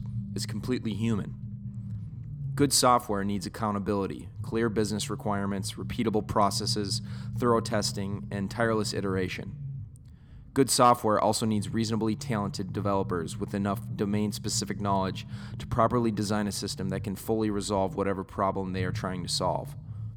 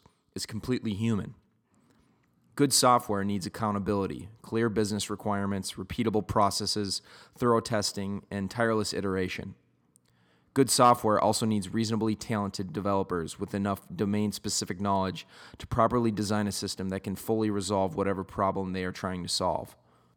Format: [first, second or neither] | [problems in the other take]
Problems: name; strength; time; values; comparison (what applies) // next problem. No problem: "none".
second | low rumble; faint; throughout; 20 dB below the speech